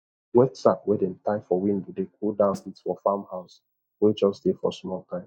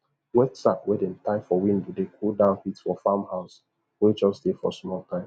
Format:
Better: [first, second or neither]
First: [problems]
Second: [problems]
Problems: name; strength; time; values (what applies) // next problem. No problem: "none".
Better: second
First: noise reduction (neural mask model DeepFilterNet 3)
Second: none